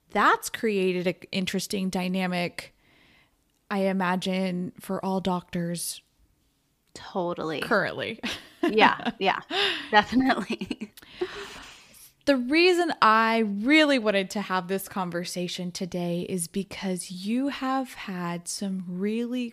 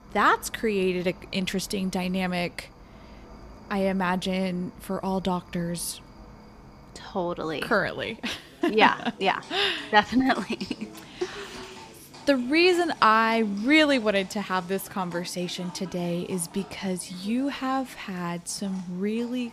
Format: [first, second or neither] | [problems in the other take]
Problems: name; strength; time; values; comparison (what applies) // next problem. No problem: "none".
first | animal sounds; faint; throughout; 20 dB below the speech